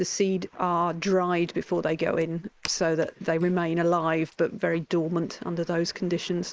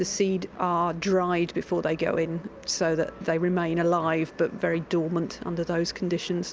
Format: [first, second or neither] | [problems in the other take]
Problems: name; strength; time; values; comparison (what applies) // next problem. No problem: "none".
second | noise reduction (neural mask model Resemble Enhance denoiser)